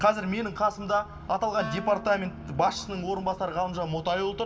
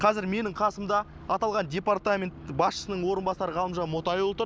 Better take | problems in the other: second | background sound (Wind instrument, woodwind instrument); 15 dB below the speech // room echo; dies away in 1.4 s

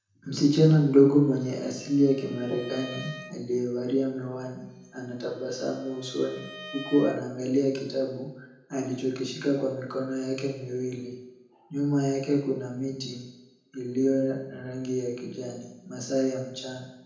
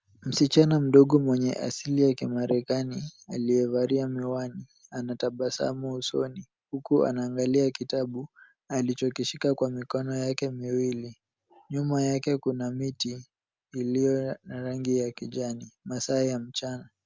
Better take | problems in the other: second | background sound (Bowed string instrument); 19 dB below the speech // room echo; dies away in 0.9 s

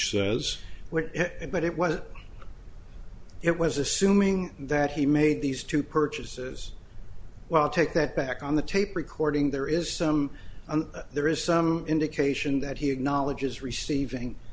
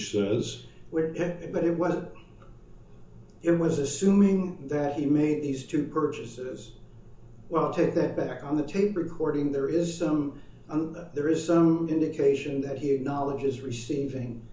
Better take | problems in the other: first | room echo; dies away in 0.8 s

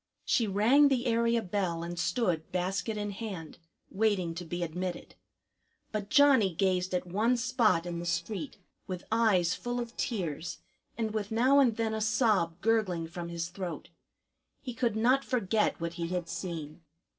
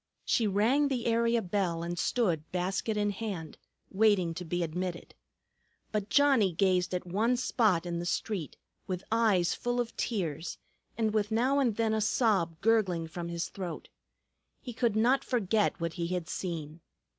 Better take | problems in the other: second | noise reduction (neural separator model SepFormer DNS4)

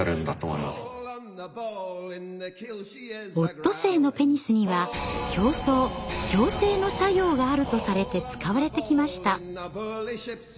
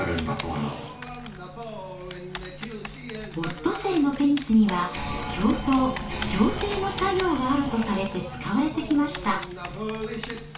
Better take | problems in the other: first | background sound (Typing); 14 dB below the speech // room echo; dies away in 0.3 s

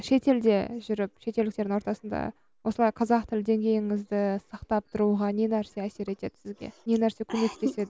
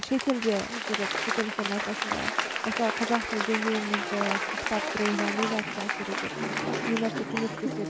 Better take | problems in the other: first | background sound (Applause / Crowd); as loud as the speech

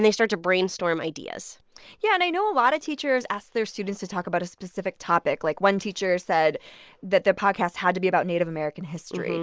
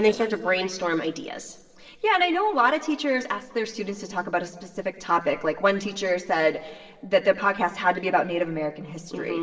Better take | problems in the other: first | noise reduction (neural separator model SepFormer DNS4)

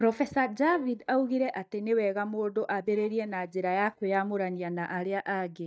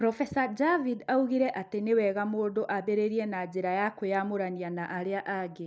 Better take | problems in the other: second | noise reduction (neural mask model DeepFilterNet 3)

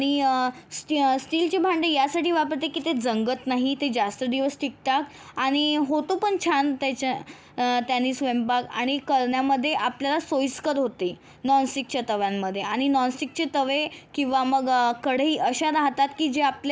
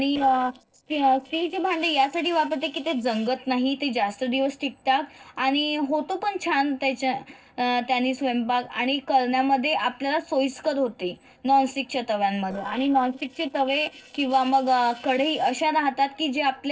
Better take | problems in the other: first | noise reduction (neural separator model SepFormer DNS4)

